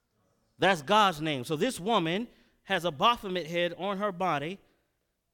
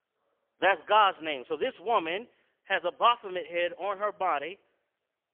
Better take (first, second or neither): first